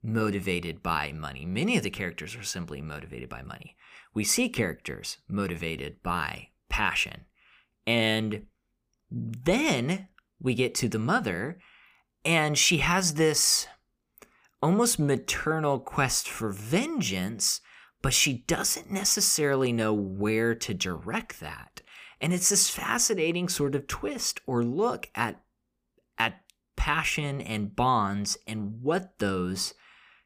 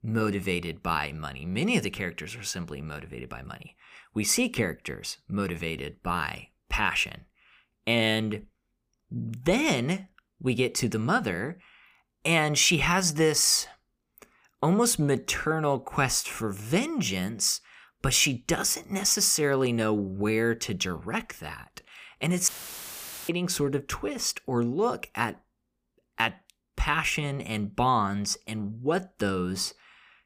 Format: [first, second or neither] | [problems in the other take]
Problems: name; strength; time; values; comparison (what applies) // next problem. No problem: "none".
first | audio cutting out; filled with static; at 22 s for 1 s